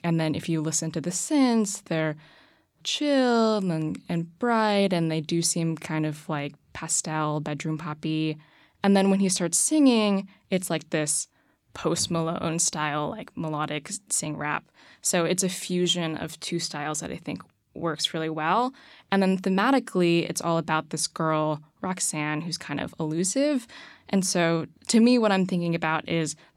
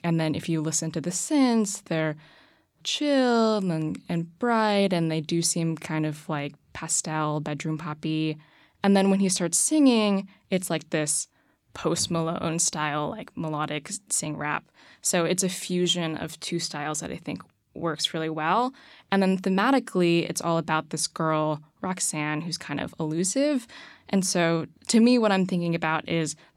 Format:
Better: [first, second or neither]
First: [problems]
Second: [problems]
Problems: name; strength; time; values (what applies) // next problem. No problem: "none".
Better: neither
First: none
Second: none